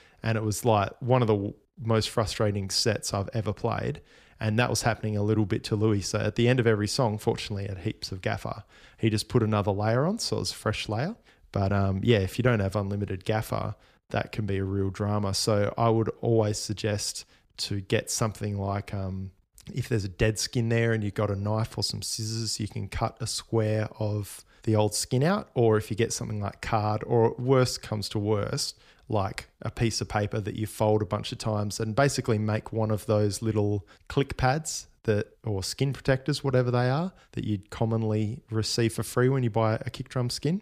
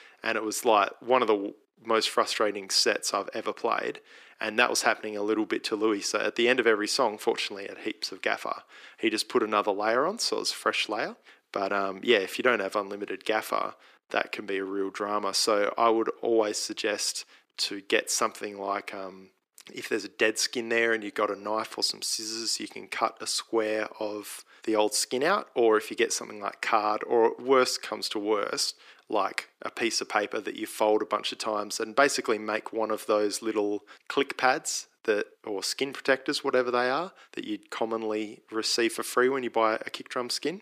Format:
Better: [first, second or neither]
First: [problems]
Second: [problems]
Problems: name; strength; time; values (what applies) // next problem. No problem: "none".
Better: first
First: none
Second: thin; very; fading below 300 Hz